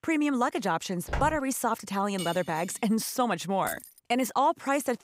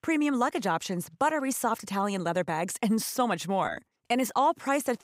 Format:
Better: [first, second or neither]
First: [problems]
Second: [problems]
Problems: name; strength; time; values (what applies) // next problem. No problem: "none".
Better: second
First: footsteps; noticeable; at 1 s; peak 7 dB below the speech // clattering dishes; faint; at 2 s; peak 10 dB below the speech // jangling keys; faint; at 3.5 s; peak 10 dB below the speech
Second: none